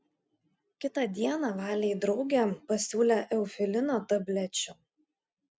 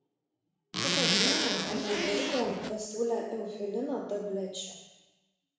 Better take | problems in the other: first | background sound (Zipper (clothing)); 5 dB above the speech // room echo; dies away in 1 s

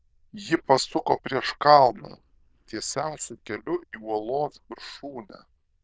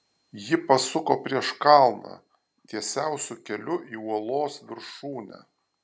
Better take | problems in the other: second | noise reduction (neural diffusion model UNIVERSE++)

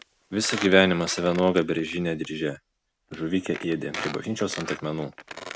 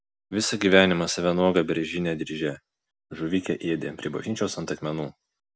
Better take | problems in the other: second | background sound (Squeak); 14 dB below the speech

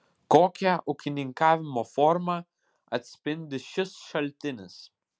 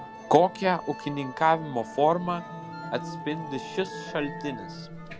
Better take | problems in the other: first | background sound (Musical instrument); 11 dB below the speech

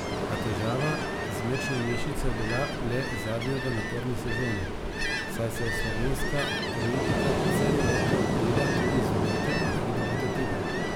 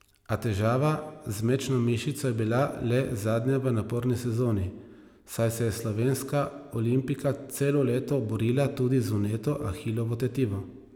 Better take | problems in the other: second | background sound (Ocean); 3 dB above the speech

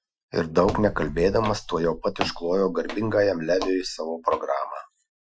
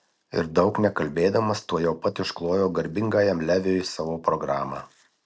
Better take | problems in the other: second | noise reduction (classical method Wiener filter)

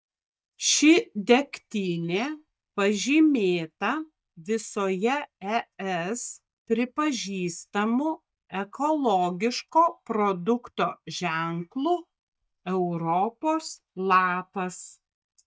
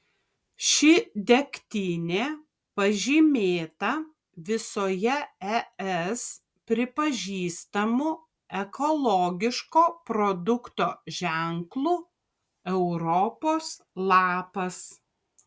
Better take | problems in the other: second | noise reduction (neural mask model DeepFilterNet 3)

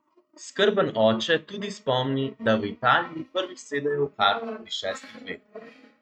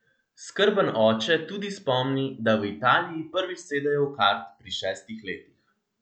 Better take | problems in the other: second | noise reduction (neural mask model RNNoise)

